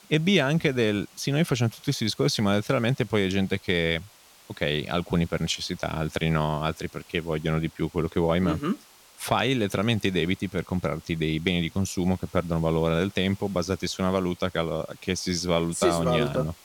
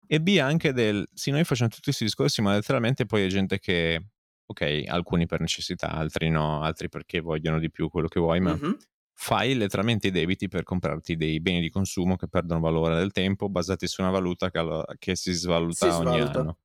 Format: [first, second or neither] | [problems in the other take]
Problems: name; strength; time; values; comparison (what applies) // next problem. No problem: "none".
second | hiss; faint; throughout; 25 dB below the speech